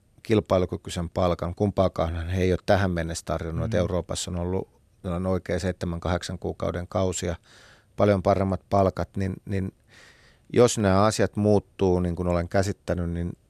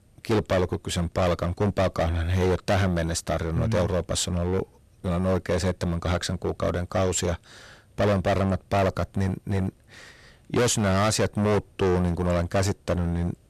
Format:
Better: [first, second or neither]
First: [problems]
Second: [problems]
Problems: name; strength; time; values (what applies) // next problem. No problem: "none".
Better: first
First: none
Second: distortion; heavy; 13% of the sound clipped